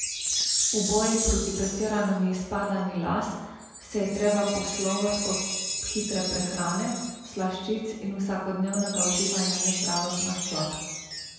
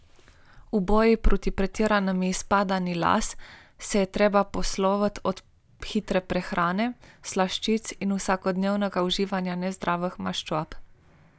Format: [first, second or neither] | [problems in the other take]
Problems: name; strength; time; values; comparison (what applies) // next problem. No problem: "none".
second | background sound (Chime); 3 dB below the speech // room echo; dies away in 1.2 s